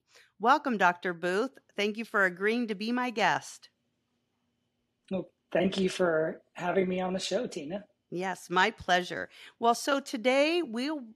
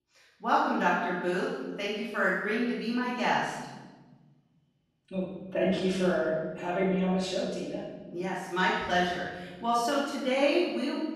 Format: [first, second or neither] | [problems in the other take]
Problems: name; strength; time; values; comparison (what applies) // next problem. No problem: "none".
first | off-mic speech; far // room echo; strong; dies away in 1.4 s